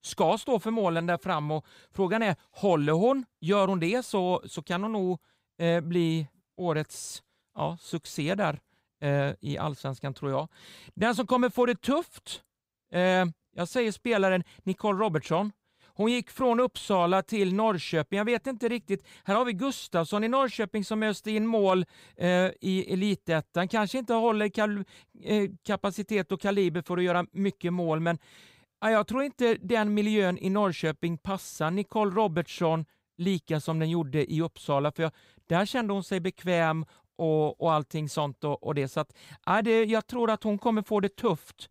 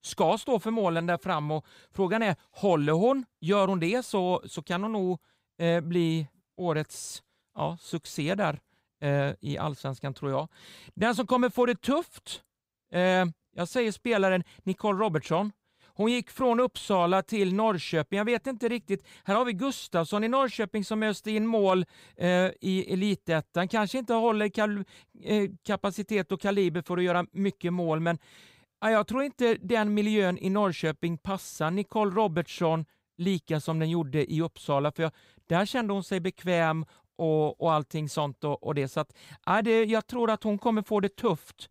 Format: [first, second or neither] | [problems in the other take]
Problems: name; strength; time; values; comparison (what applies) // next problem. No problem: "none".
neither | none